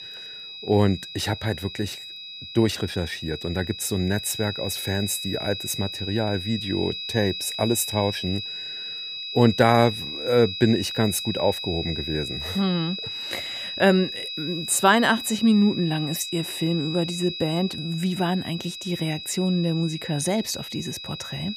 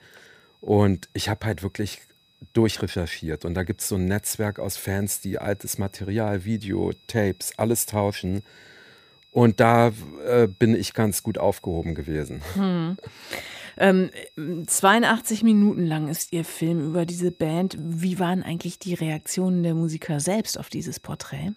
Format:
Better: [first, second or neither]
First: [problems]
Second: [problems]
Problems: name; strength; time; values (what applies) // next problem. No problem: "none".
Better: second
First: high-pitched whine; loud; throughout; 4 kHz, 7 dB below the speech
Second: high-pitched whine; faint; throughout; 4 kHz, 30 dB below the speech